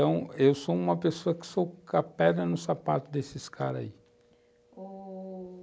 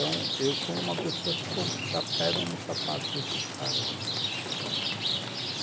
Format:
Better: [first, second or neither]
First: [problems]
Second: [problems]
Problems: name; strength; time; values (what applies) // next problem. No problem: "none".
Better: first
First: none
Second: background sound (Rain); 4 dB above the speech